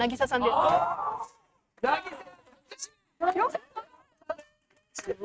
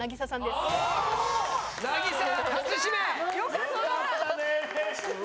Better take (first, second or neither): second